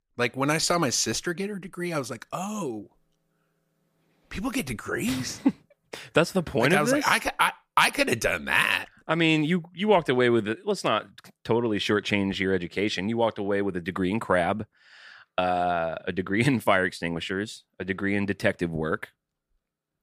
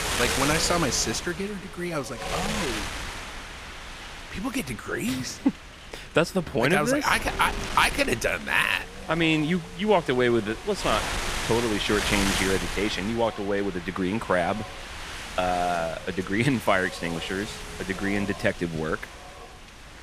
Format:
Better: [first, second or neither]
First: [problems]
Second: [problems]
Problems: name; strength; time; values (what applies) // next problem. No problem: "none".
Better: first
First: none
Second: wind noise on the microphone; heavy; 7 dB below the speech